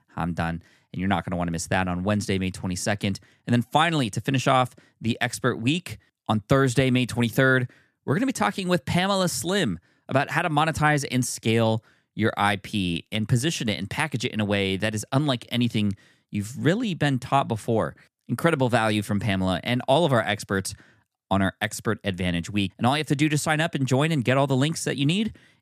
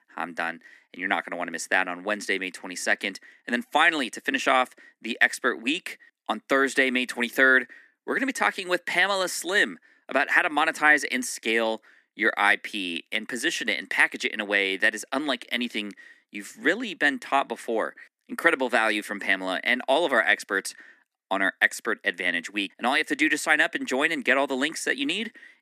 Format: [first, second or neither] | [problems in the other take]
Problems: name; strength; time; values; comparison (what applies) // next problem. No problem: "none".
first | thin; somewhat; fading below 250 Hz